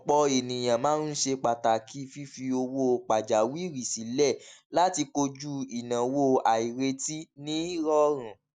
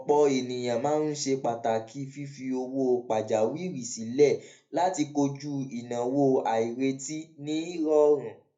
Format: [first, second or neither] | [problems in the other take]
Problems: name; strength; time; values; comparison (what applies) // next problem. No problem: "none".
first | room echo; dies away in 0.3 s